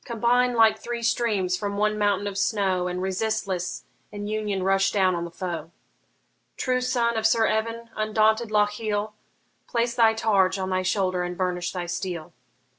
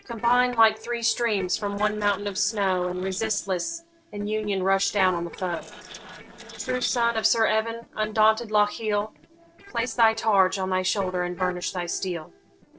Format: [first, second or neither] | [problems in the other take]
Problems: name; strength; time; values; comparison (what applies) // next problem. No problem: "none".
first | noise reduction (neural separator model SepFormer DNS4)